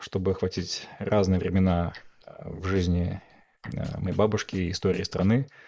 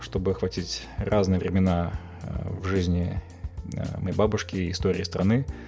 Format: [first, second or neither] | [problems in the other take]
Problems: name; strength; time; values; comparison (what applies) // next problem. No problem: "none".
second | noise reduction (neural mask model Resemble Enhance denoiser)